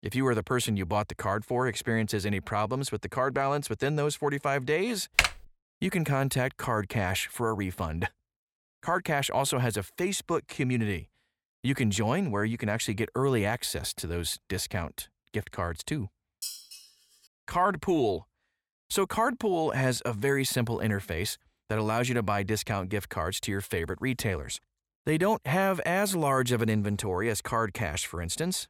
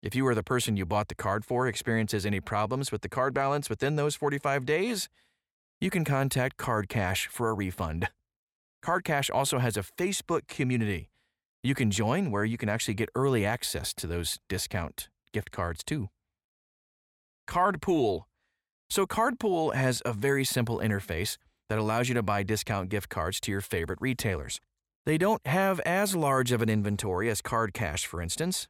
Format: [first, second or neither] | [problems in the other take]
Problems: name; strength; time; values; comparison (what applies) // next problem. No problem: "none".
second | keyboard typing; loud; at 5 s; peak 5 dB above the speech // clattering dishes; noticeable; at 16 s; peak 8 dB below the speech